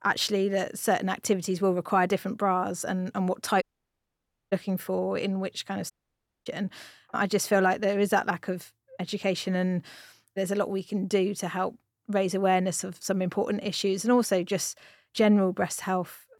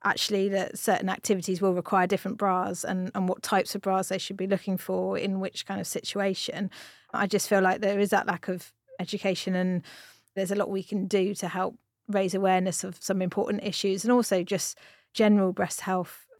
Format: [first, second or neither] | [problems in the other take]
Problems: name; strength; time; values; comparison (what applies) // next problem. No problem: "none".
second | audio cutting out; at 3.5 s for 1 s and at 6 s for 0.5 s